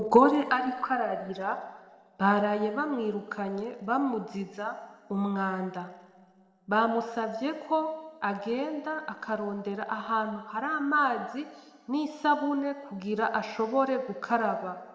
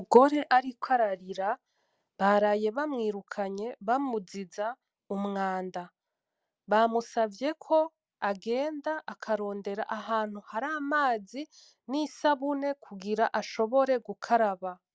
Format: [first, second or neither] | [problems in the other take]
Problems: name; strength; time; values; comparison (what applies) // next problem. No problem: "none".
second | room echo; dies away in 1.9 s